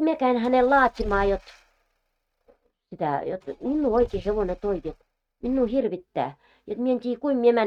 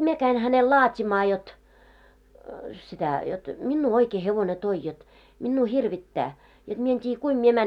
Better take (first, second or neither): second